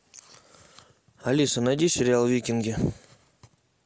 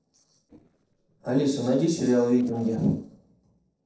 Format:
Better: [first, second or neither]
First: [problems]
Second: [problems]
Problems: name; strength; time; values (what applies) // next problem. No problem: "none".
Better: first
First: none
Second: noise reduction (neural separator model SepFormer DNS4)